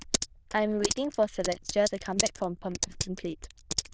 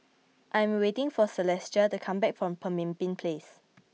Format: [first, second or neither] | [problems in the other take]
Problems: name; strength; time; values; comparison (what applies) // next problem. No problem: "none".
second | noise reduction (neural diffusion model UNIVERSE++)